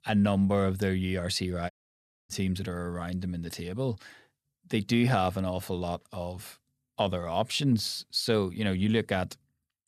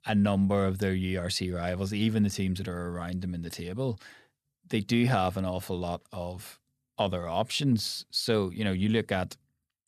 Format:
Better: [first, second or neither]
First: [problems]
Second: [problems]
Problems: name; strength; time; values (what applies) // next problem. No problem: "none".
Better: second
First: audio cutting out; at 1.5 s for 0.5 s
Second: none